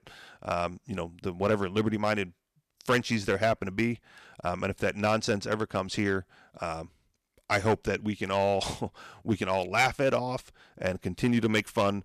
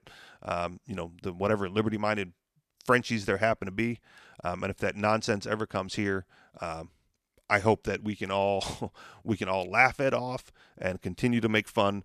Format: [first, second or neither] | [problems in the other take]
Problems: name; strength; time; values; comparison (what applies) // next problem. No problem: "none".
second | distortion; slight; 2% of the sound clipped